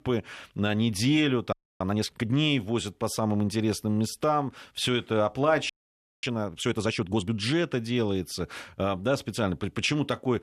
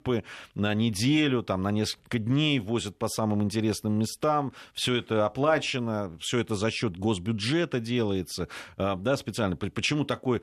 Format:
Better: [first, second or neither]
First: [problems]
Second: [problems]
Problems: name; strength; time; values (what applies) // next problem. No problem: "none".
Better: second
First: audio freezing; at 1.5 s and at 5.5 s for 0.5 s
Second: none